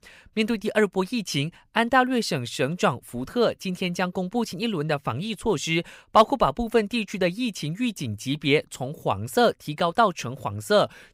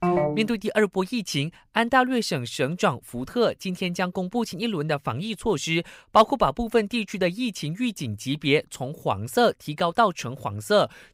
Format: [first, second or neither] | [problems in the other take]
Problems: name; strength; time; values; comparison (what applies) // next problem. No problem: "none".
first | phone ringing; loud; at the start; peak 1 dB above the speech